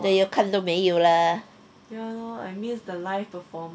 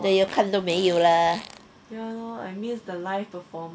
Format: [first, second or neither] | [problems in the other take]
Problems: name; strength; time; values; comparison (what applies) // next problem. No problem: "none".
first | background sound (Fart); 18 dB below the speech